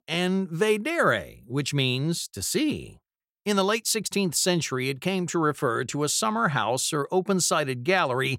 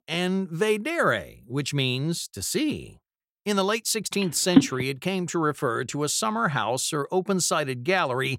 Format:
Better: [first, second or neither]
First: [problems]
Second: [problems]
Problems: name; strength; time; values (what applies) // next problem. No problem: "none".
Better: first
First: none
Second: phone ringing; loud; at 4.5 s; peak 4 dB above the speech